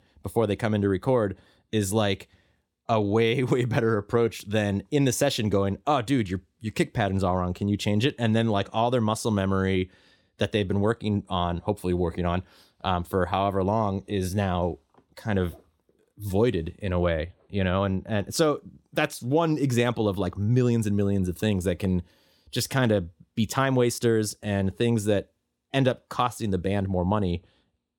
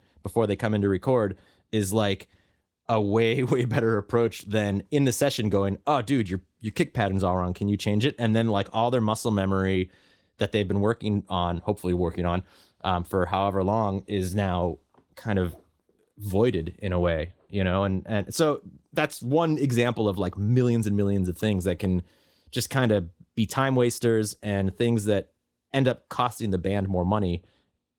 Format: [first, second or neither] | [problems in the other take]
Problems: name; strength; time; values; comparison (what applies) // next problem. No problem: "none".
first | garbled, watery; slightly; nothing above 17.5 kHz